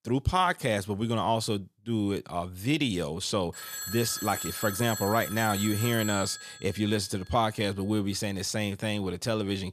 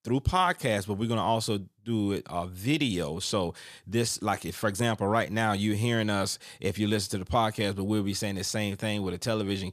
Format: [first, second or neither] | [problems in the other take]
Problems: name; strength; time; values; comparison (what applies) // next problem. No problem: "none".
second | phone ringing; noticeable; from 3.5 to 7 s; peak 5 dB below the speech